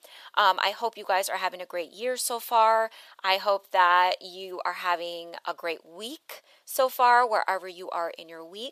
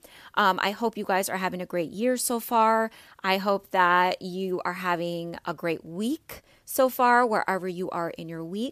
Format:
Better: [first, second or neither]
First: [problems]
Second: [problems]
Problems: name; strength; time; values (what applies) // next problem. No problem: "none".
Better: second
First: thin; very; fading below 650 Hz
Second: none